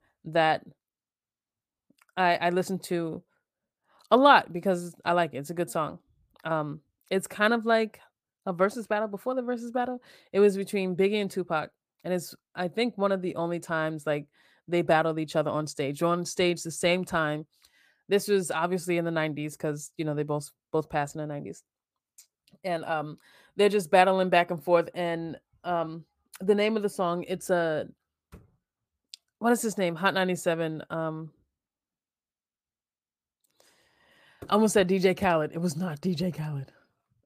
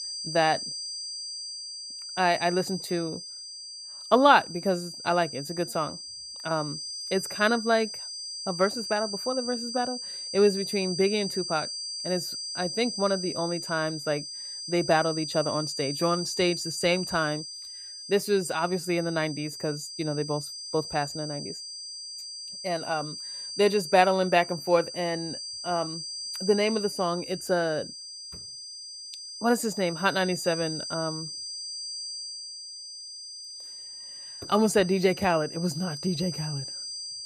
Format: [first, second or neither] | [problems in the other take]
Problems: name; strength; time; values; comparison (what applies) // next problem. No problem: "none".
first | high-pitched whine; loud; throughout; 4.5 kHz, 7 dB below the speech